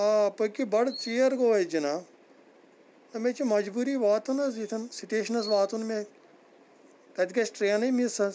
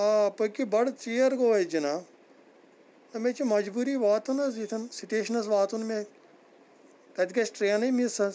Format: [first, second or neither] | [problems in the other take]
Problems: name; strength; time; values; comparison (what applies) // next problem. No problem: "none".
second | background sound (Chirp, tweet); 18 dB below the speech